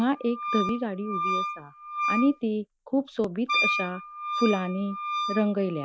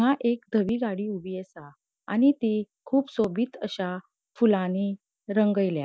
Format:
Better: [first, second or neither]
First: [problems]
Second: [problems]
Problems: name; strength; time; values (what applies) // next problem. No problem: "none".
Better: second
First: background sound (Wind instrument, woodwind instrument); 3 dB below the speech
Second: none